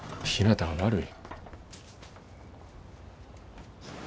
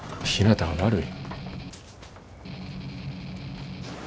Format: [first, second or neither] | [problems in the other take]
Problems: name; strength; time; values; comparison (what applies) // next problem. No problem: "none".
first | background sound (Strum); 8 dB below the speech